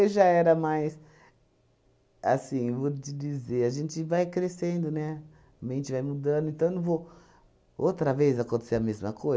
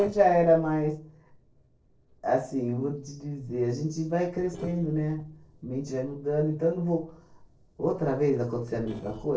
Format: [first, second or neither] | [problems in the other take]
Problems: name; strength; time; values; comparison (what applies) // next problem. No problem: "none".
first | noise reduction (neural separator model SepFormer DNS4)